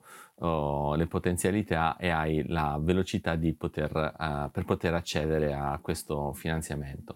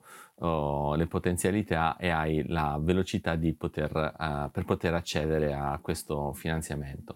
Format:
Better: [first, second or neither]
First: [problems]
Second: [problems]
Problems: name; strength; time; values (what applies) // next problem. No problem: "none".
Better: neither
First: none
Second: none